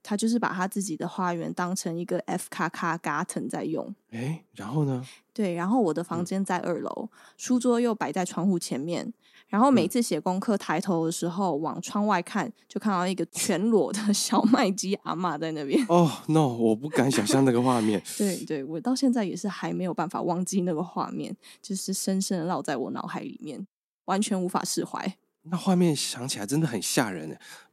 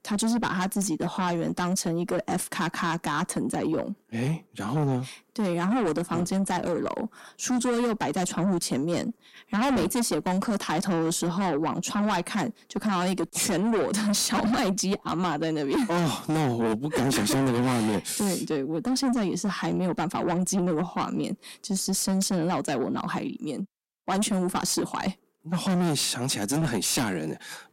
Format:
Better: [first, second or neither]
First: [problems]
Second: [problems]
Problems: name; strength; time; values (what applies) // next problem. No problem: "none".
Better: first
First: none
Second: distortion; heavy; 6 dB below the speech